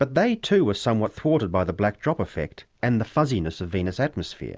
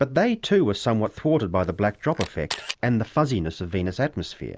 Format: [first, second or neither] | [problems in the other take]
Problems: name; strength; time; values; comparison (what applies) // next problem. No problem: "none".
first | background sound (Camera); 13 dB below the speech